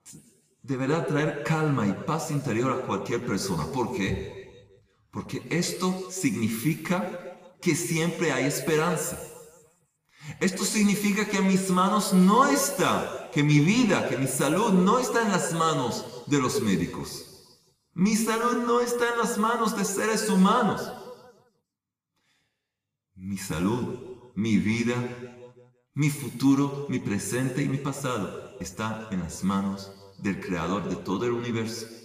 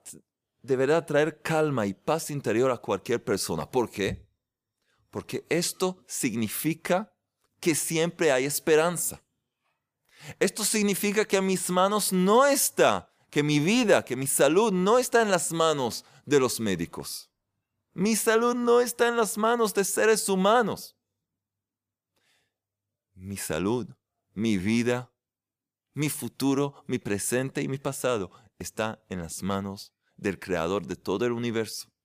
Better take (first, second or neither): second